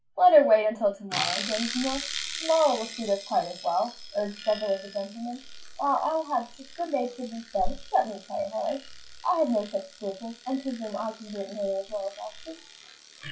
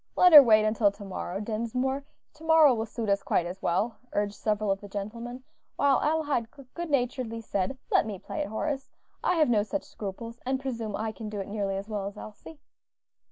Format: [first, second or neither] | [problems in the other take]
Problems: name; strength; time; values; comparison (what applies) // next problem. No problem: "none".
second | noise reduction (classical method WPE with log-MMSE)